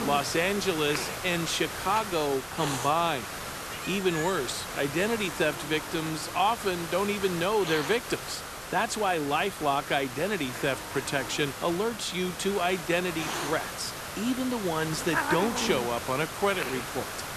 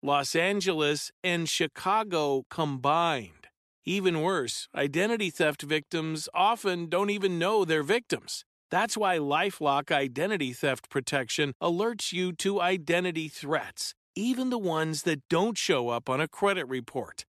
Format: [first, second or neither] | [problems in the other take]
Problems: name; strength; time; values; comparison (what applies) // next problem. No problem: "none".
second | hiss; loud; throughout; 6 dB below the speech